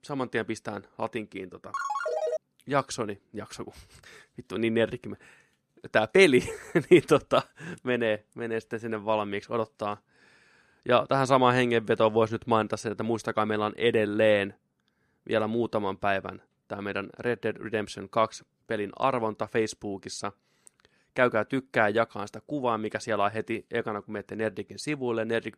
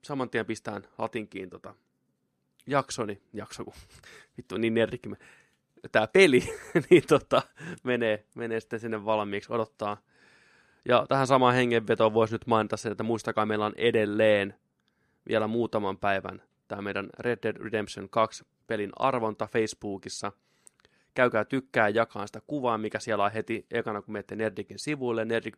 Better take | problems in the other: second | phone ringing; noticeable; at 1.5 s; peak 3 dB below the speech

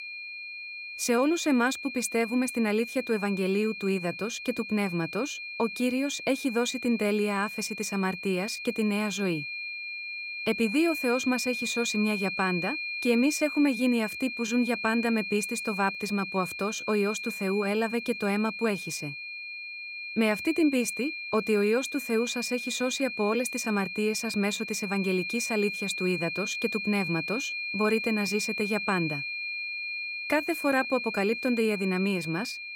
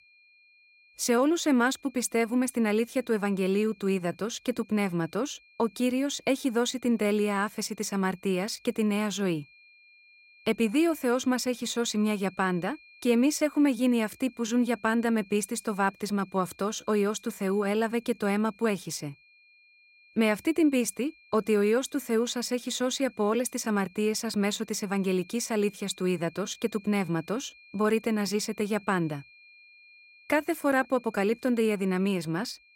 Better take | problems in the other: second | high-pitched whine; loud; throughout; 2.5 kHz, 5 dB below the speech; faint in the second

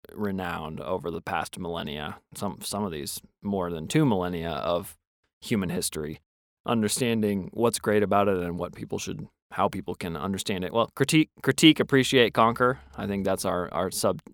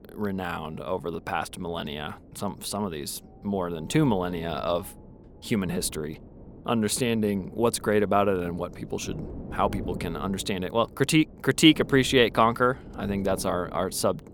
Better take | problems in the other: first | wind noise on the microphone; occasional gusts; 20 dB below the speech

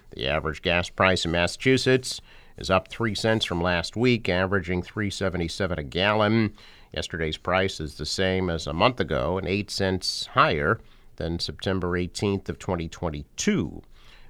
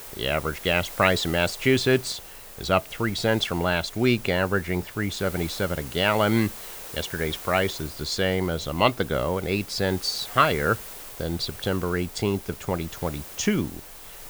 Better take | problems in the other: first | hiss; noticeable; throughout; 15 dB below the speech

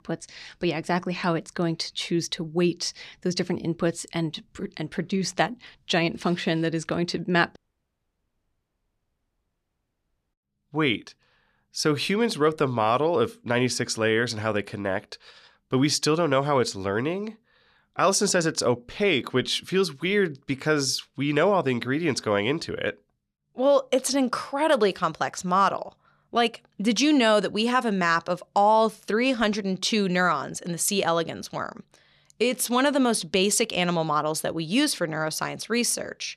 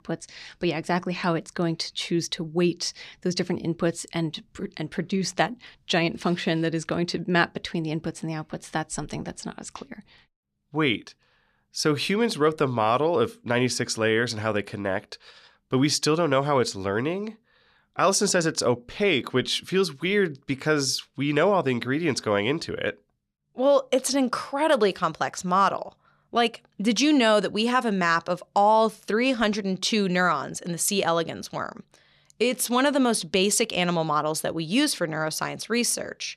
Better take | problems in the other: second | audio cutting out; at 7.5 s for 3 s

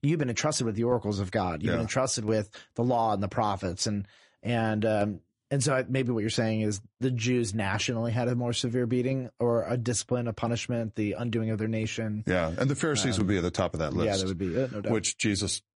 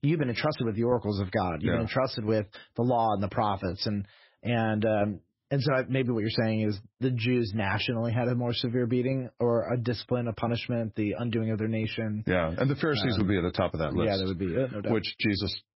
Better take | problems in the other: first | garbled, watery; badly; nothing above 5.5 kHz; slightly in the first

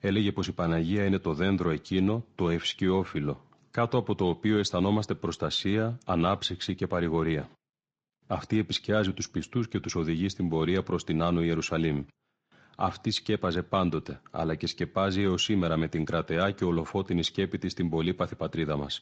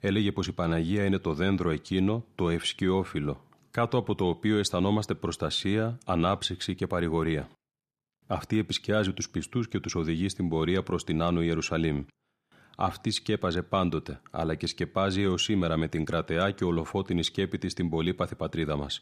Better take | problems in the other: second | garbled, watery; slightly

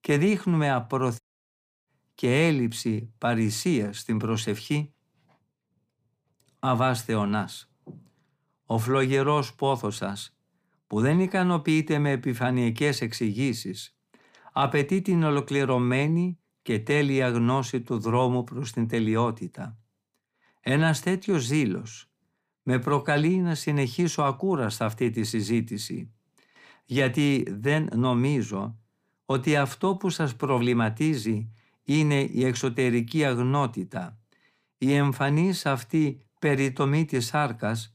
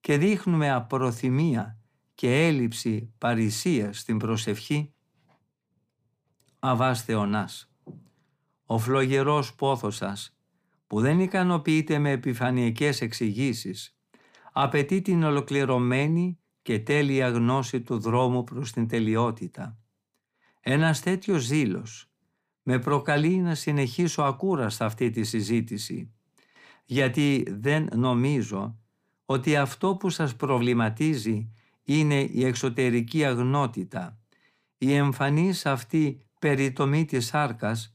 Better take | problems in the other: second | audio cutting out; at 1 s for 0.5 s

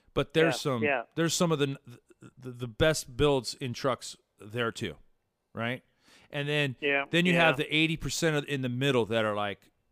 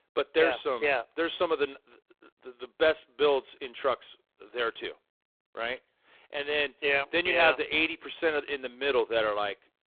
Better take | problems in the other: first | phone-call audio; poor line

